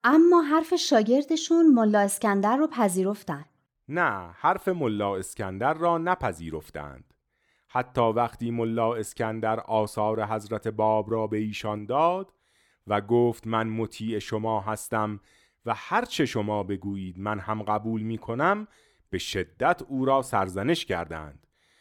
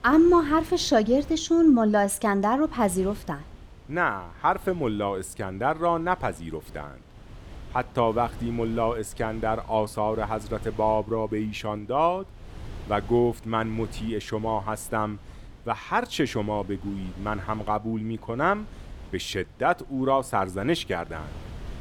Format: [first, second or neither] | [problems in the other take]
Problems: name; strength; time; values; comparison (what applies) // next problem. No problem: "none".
first | wind noise on the microphone; occasional gusts; 25 dB below the speech